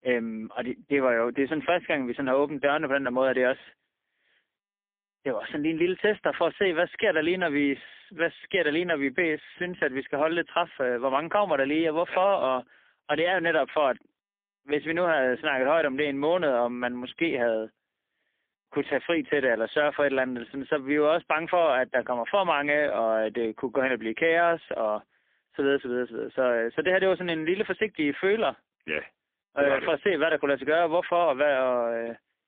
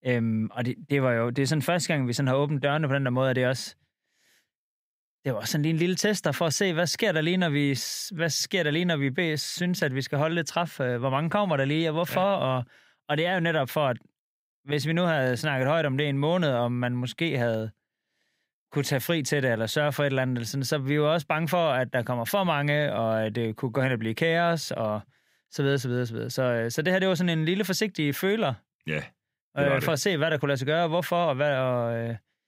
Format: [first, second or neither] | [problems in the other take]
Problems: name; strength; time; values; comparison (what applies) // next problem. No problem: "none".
second | phone-call audio; poor line; nothing above 3.5 kHz